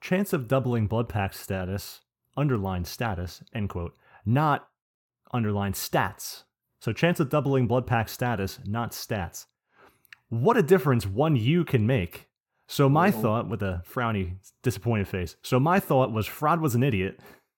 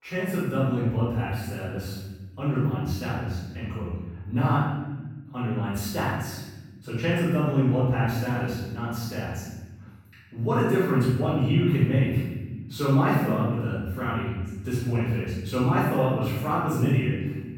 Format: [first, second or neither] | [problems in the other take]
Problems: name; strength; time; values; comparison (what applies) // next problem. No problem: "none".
first | off-mic speech; far // room echo; strong; dies away in 1.2 s